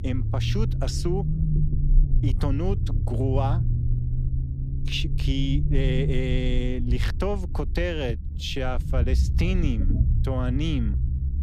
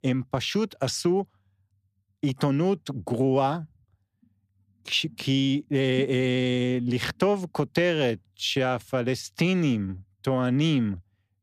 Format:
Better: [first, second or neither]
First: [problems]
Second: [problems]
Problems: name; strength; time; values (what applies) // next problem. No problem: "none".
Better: second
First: low rumble; loud; throughout; 8 dB below the speech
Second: none